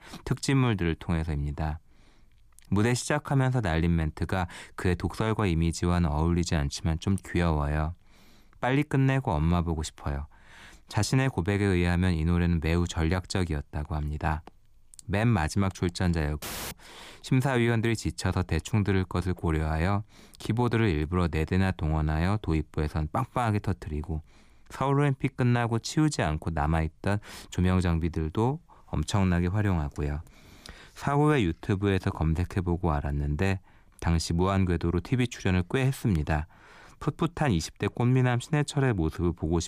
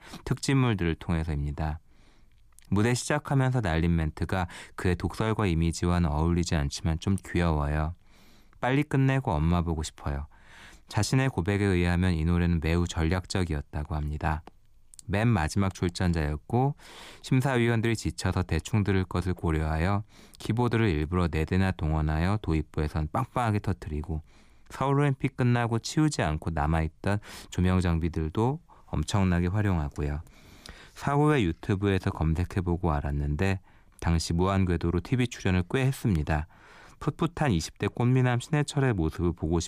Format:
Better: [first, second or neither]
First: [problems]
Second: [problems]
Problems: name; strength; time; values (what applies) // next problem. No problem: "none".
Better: second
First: audio cutting out; filled with static; at 16 s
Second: none